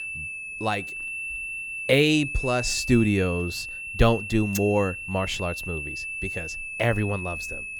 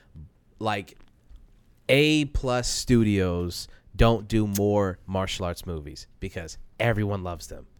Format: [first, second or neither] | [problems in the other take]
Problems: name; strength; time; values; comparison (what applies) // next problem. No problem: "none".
second | high-pitched whine; loud; throughout; 2.5 kHz, 7 dB below the speech